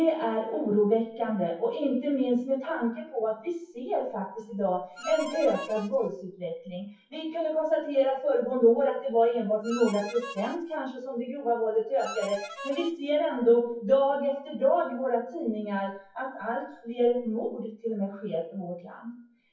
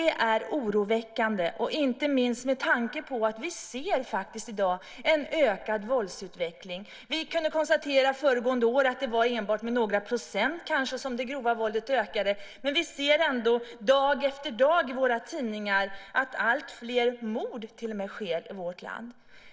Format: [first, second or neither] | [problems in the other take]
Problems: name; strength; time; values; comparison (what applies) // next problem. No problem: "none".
second | noise reduction (classical method WPE with log-MMSE)